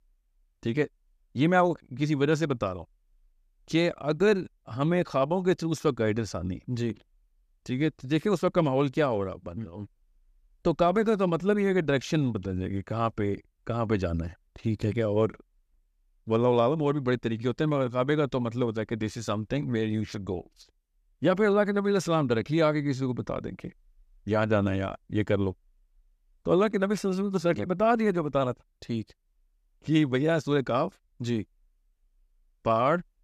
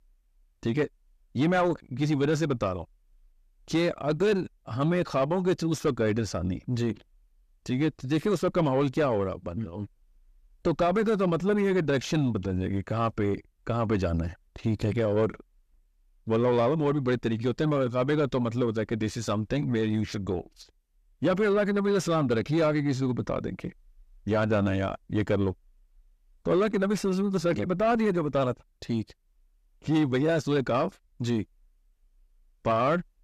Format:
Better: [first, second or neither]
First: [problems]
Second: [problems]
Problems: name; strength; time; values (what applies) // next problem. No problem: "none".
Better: first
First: none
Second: distortion; slight; 10 dB below the speech